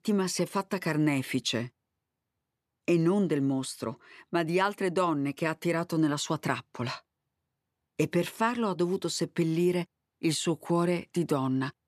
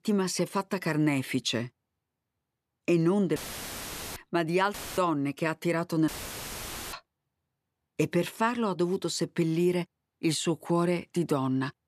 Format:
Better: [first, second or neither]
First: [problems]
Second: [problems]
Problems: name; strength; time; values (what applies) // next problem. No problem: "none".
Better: first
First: none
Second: audio cutting out; filled with static; at 3.5 s for 1 s, at 4.5 s and at 6 s for 1 s